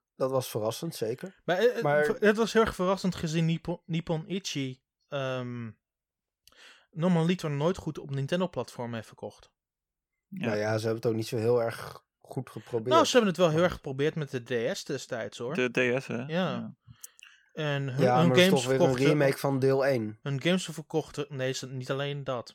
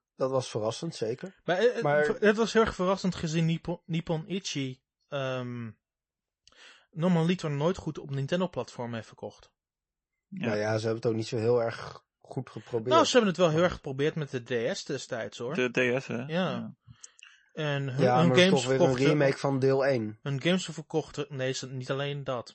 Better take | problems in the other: first | garbled, watery; slightly; nothing above 8 kHz

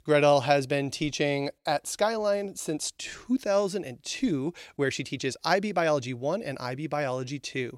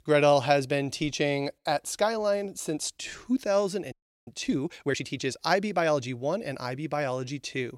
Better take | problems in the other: first | audio freezing; at 4 s

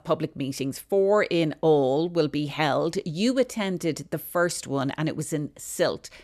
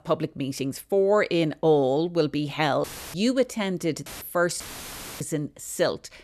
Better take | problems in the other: first | audio cutting out; filled with static; at 3 s, at 4 s and at 4.5 s for 0.5 s

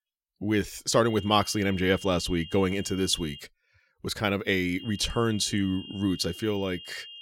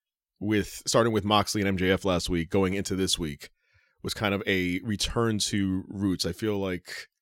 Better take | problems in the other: second | high-pitched whine; noticeable; from 1 to 3.5 s and from 5 s on; 3 kHz, 15 dB below the speech

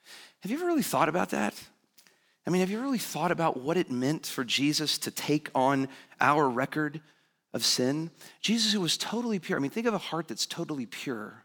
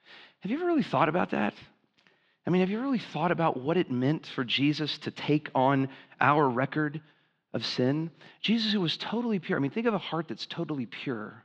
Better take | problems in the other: first | muffled; slightly; fading above 3.5 kHz

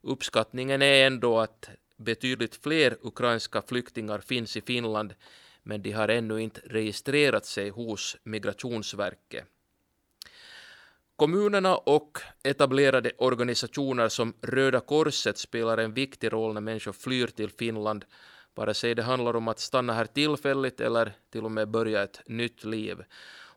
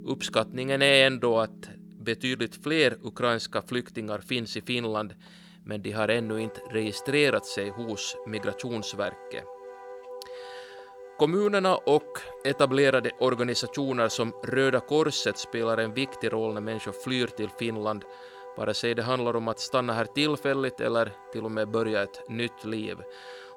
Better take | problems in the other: first | background music; noticeable; throughout; 20 dB below the speech

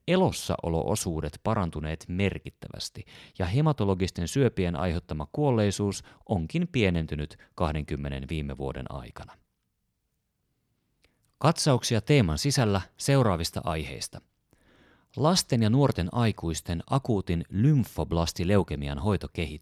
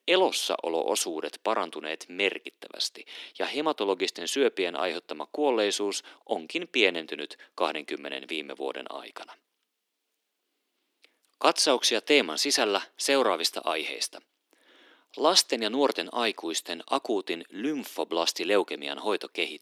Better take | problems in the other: first | thin; somewhat; fading below 300 Hz

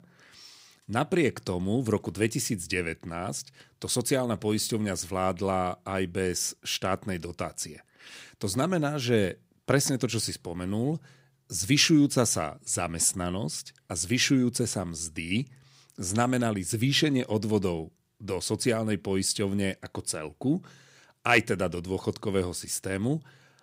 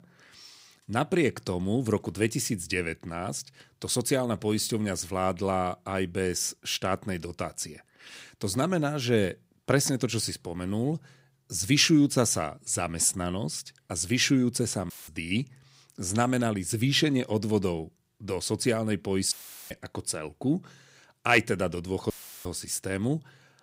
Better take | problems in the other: first | audio cutting out; filled with static; at 15 s, at 19 s and at 22 s

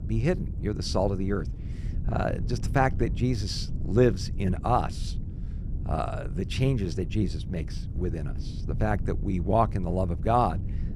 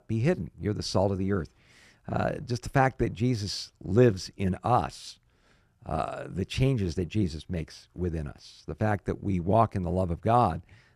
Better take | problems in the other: second | wind noise on the microphone; occasional gusts; 20 dB below the speech

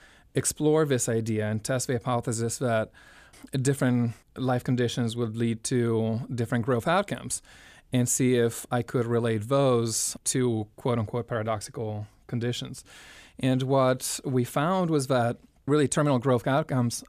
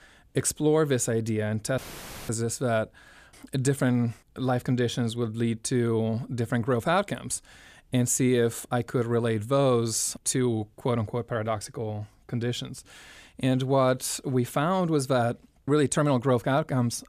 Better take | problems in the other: first | audio cutting out; filled with static; at 2 s for 0.5 s

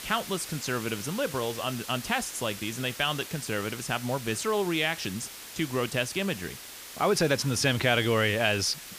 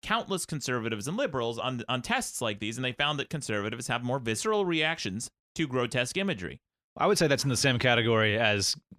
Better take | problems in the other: second | hiss; noticeable; throughout; 10 dB below the speech

